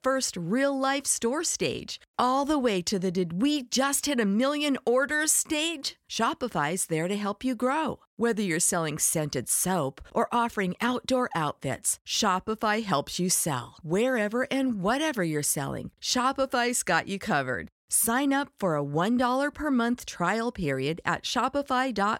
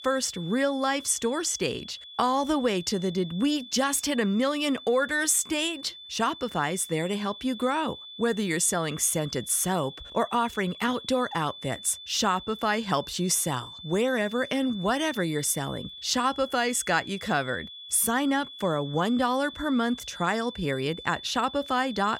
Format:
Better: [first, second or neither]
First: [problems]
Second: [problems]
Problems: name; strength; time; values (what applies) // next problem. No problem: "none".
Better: first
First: none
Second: high-pitched whine; noticeable; throughout; 3.5 kHz, 15 dB below the speech